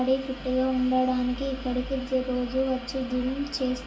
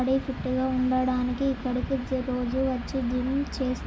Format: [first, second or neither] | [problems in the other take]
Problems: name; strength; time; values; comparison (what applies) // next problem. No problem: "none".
second | room echo; dies away in 0.2 s